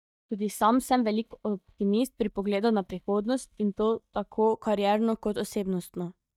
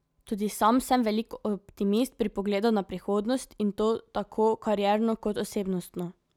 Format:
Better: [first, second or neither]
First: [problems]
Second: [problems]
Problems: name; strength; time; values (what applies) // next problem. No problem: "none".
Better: second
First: noise reduction (neural mask model DeepFilterNet 3)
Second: none